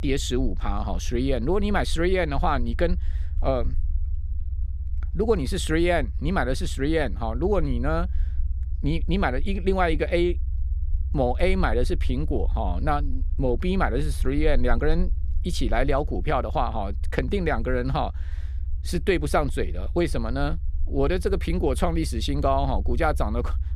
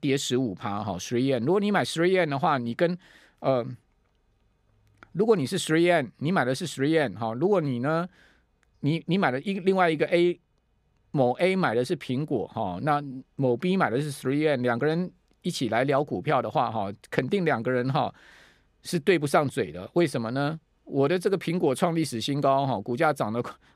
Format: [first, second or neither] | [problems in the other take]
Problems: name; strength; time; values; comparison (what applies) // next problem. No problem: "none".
second | low rumble; faint; throughout; 25 dB below the speech